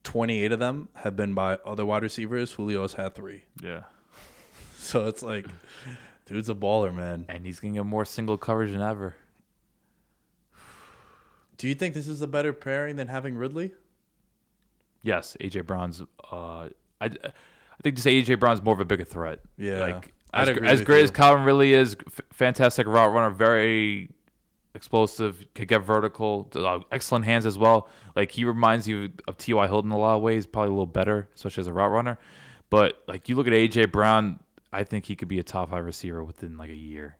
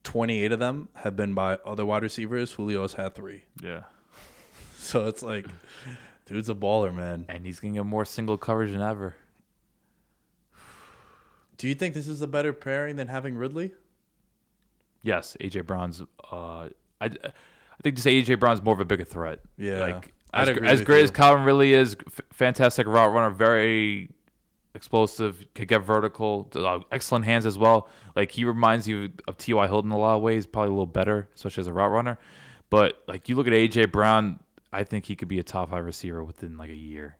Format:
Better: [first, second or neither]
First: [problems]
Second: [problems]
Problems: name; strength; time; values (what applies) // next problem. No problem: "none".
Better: neither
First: garbled, watery; slightly; nothing above 15.5 kHz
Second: garbled, watery; slightly; nothing above 15.5 kHz